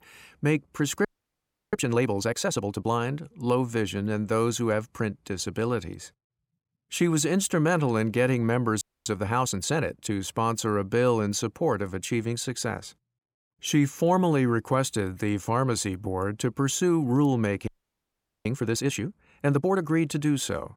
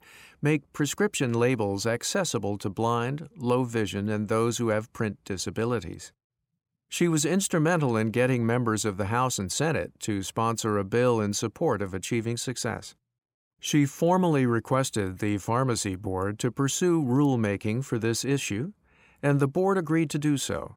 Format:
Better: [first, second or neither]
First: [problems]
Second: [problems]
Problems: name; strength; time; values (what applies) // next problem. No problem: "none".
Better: second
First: audio freezing; at 1 s for 0.5 s, at 9 s and at 18 s for 1 s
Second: none